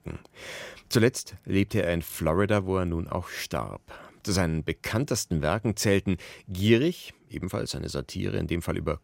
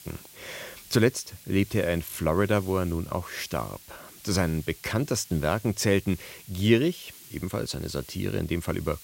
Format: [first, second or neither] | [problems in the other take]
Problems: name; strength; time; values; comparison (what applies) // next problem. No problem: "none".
first | hiss; noticeable; throughout; 20 dB below the speech